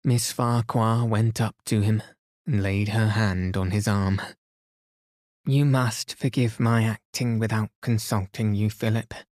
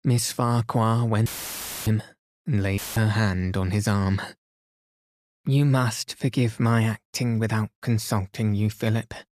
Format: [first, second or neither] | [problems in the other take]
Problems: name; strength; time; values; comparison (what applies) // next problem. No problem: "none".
first | audio cutting out; filled with static; at 1.5 s for 0.5 s and at 3 s